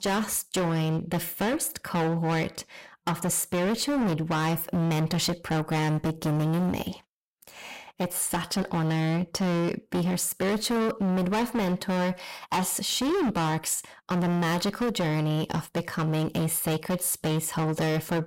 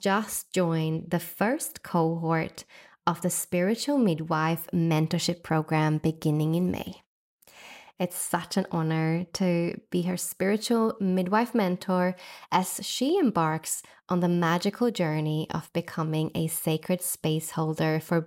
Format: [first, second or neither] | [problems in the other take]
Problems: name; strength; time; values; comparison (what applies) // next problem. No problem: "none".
second | distortion; heavy; 26% of the sound clipped